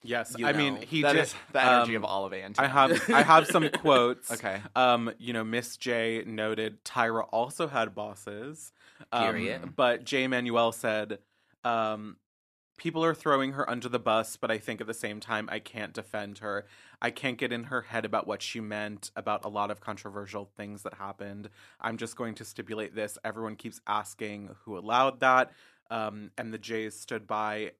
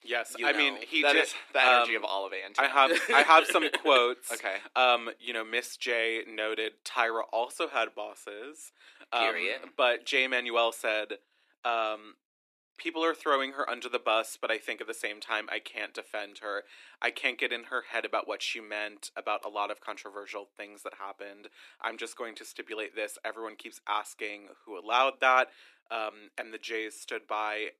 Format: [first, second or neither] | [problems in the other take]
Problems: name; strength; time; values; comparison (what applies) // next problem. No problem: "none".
first | thin; somewhat; fading below 300 Hz